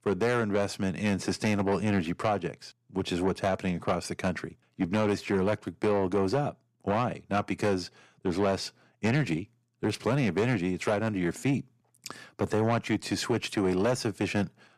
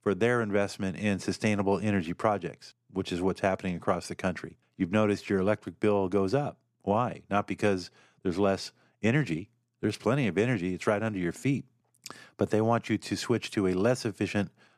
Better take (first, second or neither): second